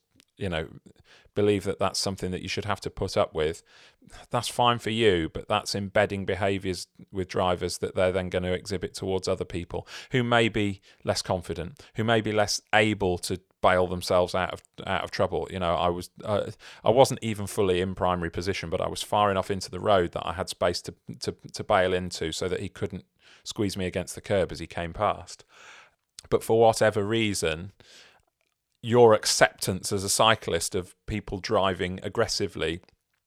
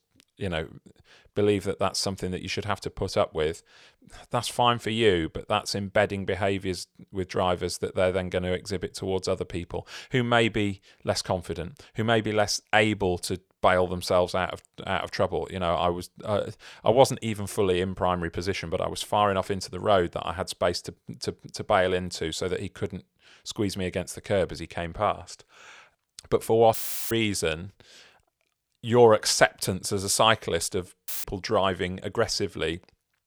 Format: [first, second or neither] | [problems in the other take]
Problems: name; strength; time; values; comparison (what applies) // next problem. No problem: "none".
first | audio cutting out; filled with static; at 27 s and at 31 s